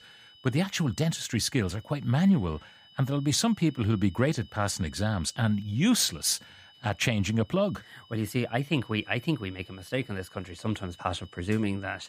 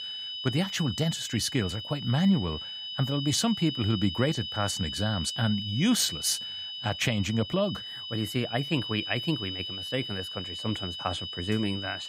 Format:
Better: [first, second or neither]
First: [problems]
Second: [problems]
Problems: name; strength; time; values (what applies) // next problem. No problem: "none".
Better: first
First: high-pitched whine; faint; throughout; 3 kHz, 25 dB below the speech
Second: high-pitched whine; loud; throughout; 3 kHz, 5 dB below the speech